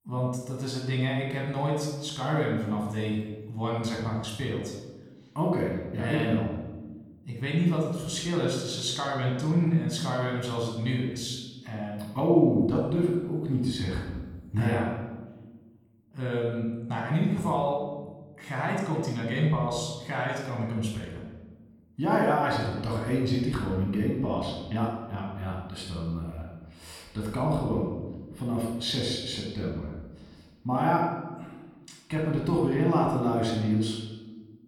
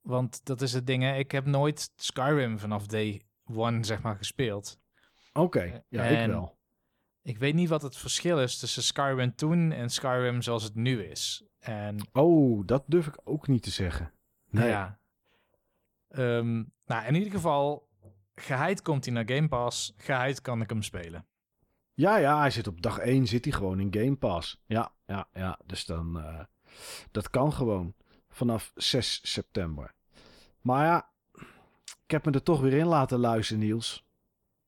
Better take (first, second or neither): second